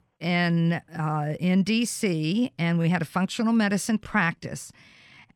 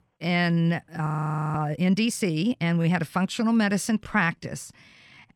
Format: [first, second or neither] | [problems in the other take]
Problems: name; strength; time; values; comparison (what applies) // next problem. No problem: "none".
first | audio freezing; at 1 s